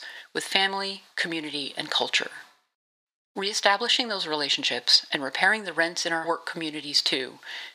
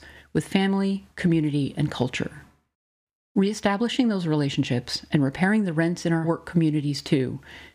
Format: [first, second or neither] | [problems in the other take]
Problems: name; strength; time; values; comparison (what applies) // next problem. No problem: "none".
second | thin; very; fading below 750 Hz